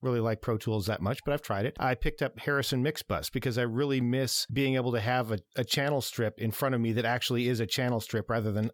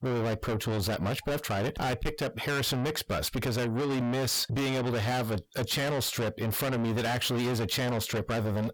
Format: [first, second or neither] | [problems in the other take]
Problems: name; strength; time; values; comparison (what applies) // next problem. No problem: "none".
first | distortion; heavy; 5 dB below the speech